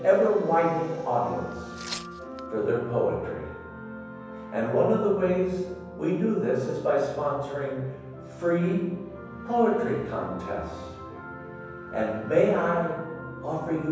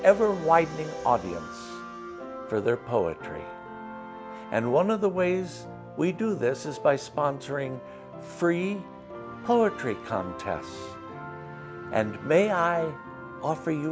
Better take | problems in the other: second | background sound (Tearing); 15 dB below the speech // room echo; dies away in 1.1 s

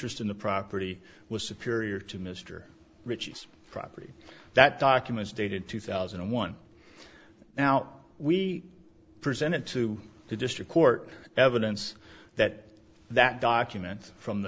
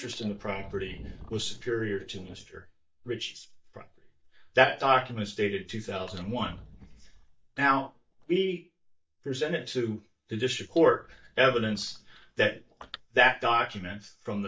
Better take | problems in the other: first | noise reduction (neural mask model DeepFilterNet 3)

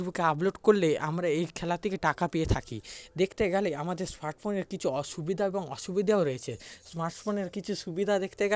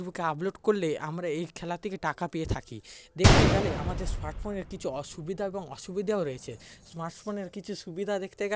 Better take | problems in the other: first | background sound (Gunshot, gunfire); 1 dB above the speech

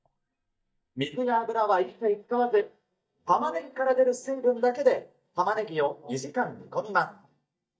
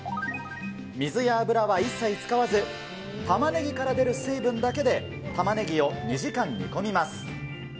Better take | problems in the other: second | noise reduction (neural mask model DeepFilterNet 3)

